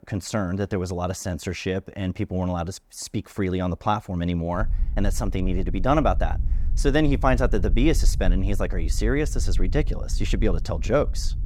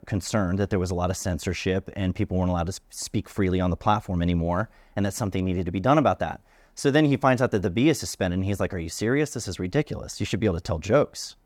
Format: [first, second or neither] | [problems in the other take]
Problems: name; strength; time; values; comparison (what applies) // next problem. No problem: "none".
second | low rumble; faint; from 4.5 s on; 20 dB below the speech